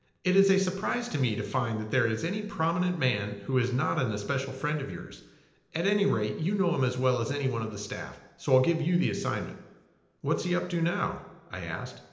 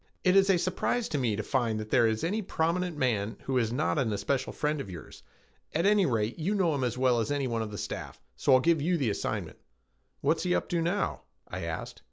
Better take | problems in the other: second | room echo; dies away in 0.9 s

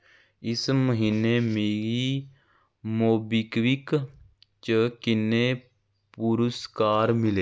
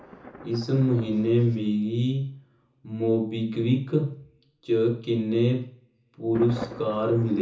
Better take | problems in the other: first | background sound (Thunder); 19 dB below the speech // room echo; dies away in 0.6 s

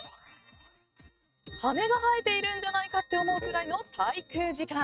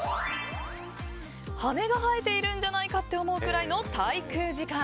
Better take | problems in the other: second | noise reduction (neural mask model RNNoise)

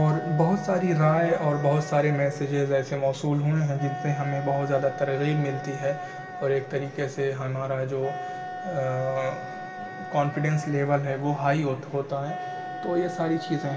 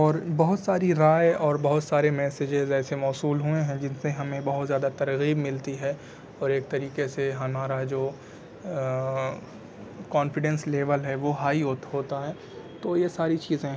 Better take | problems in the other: second | background sound (Wind instrument, woodwind instrument); 12 dB below the speech // room echo; dies away in 2.5 s

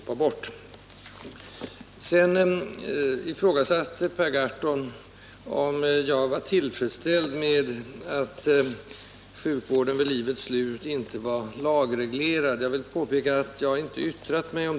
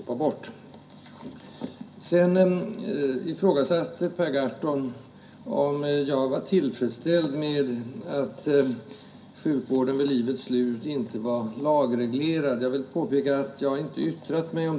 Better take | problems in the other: first | room echo; dies away in 0.3 s

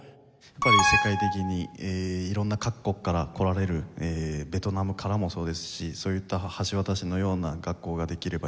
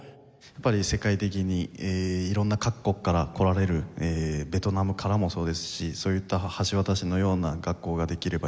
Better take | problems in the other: second | background sound (Alarm); 5 dB above the speech

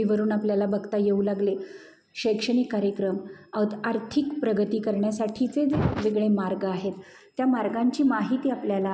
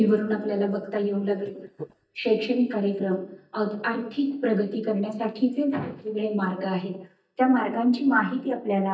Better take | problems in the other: first | noise reduction (neural mask model DeepFilterNet 3)

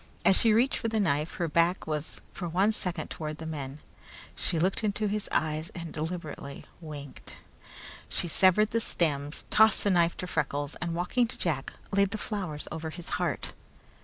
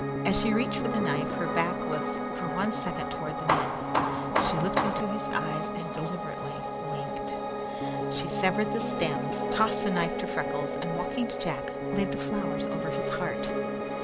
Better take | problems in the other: first | background sound (Hammer + Piano); 3 dB above the speech

